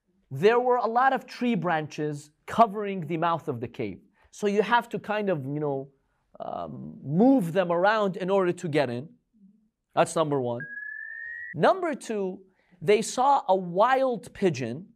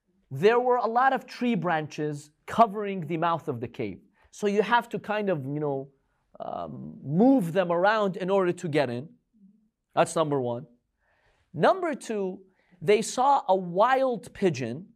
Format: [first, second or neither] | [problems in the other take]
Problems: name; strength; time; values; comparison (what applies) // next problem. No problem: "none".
second | alarm; faint; at 11 s; peak 10 dB below the speech